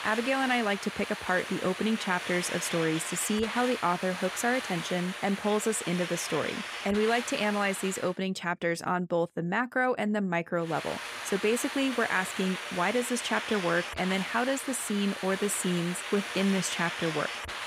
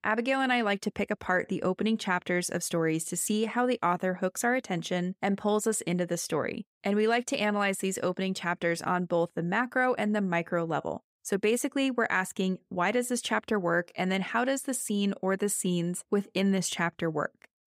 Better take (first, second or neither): second